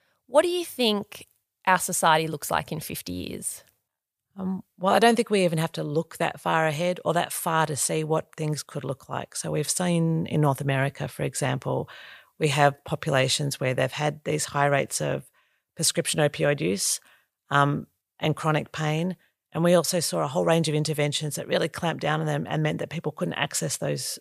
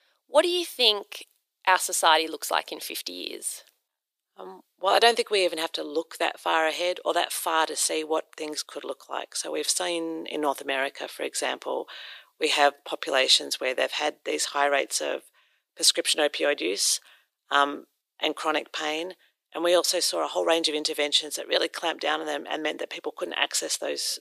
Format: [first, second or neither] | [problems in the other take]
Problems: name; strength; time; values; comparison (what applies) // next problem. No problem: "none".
first | thin; very; fading below 300 Hz